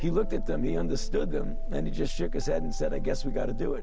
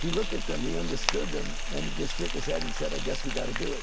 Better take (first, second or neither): first